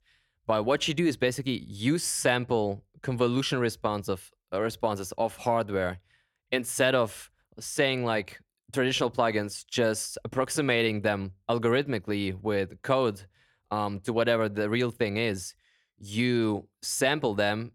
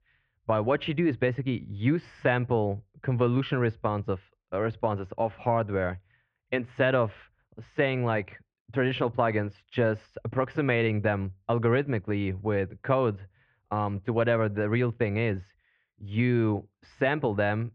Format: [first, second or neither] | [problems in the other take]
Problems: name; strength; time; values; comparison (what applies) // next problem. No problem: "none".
first | muffled; very; fading above 2.5 kHz